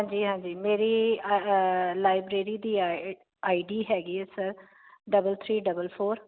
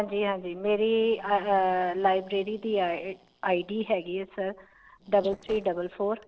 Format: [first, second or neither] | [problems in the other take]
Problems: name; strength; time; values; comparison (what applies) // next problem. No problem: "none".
first | noise reduction (neural separator model SepFormer DNS4)